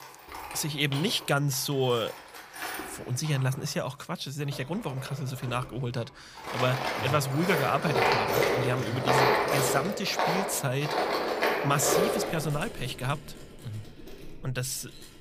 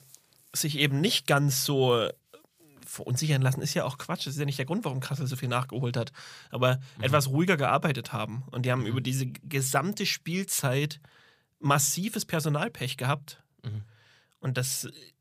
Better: second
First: machinery noise; very loud; throughout; 2 dB above the speech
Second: none

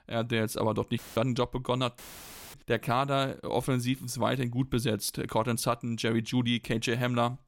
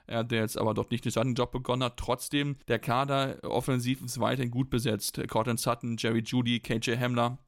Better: second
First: audio cutting out; filled with static; at 1 s and at 2 s for 0.5 s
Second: none

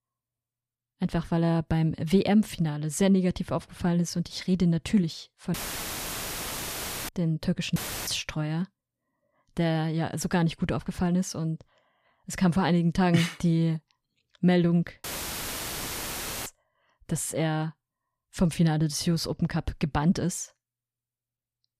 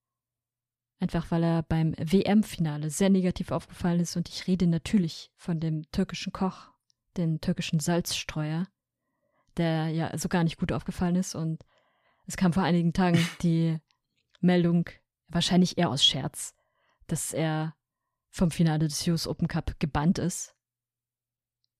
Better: second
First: audio cutting out; filled with static; at 5.5 s for 1.5 s, at 8 s and at 15 s for 1.5 s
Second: none

